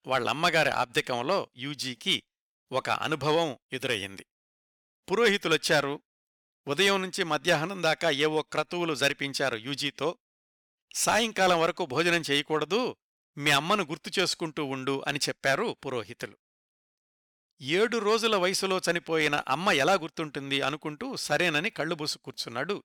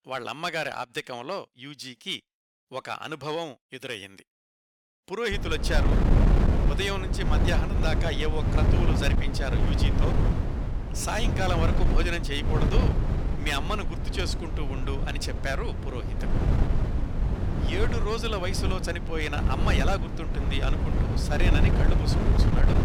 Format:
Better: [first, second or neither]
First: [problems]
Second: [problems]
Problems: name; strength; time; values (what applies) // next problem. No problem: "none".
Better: first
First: none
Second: wind noise on the microphone; heavy; from 5.5 s on; 4 dB below the speech